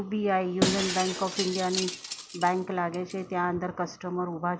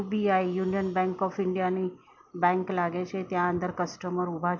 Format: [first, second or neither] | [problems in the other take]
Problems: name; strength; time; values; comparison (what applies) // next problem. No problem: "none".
second | background sound (Shatter); 5 dB below the speech